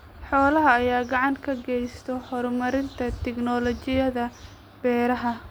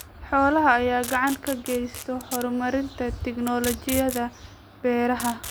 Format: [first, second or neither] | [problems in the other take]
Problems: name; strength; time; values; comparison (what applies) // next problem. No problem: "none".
first | background sound (Packing tape, duct tape); 14 dB below the speech